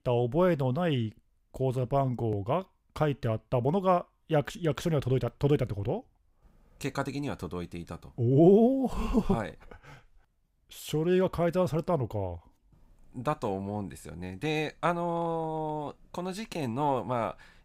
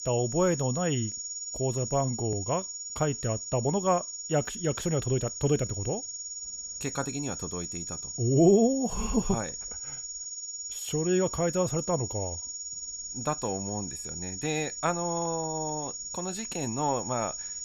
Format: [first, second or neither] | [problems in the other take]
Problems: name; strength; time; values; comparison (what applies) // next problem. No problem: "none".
first | high-pitched whine; loud; throughout; 7 kHz, 5 dB below the speech